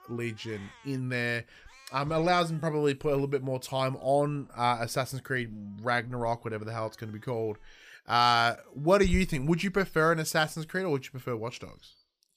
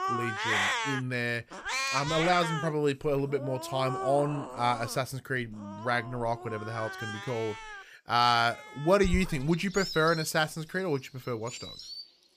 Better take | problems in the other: first | animal sounds; loud; throughout; 5 dB below the speech; faint in the first

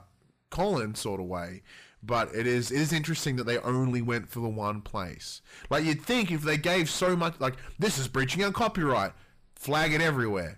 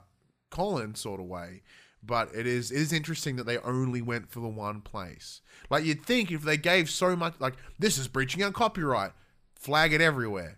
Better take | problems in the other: second | distortion; heavy; 7 dB below the speech

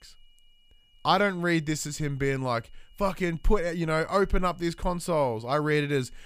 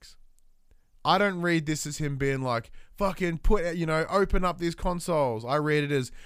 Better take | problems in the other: second | high-pitched whine; faint; throughout; 3 kHz, 35 dB below the speech

